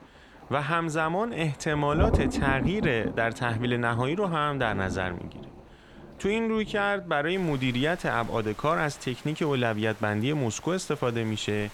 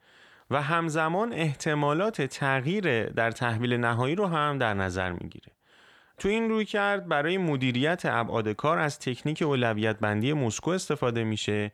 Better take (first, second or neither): second